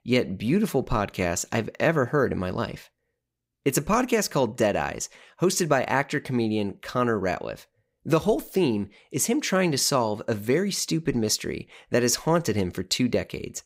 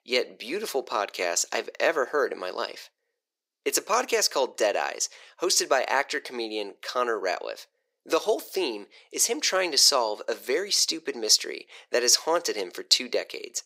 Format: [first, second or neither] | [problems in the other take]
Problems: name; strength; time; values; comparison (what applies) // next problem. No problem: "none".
first | thin; very; fading below 400 Hz